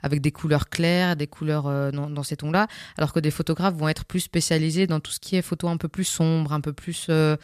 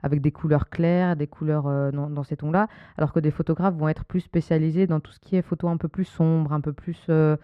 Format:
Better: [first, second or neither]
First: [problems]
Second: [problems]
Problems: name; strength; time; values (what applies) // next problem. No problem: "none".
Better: first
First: none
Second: muffled; very; fading above 3 kHz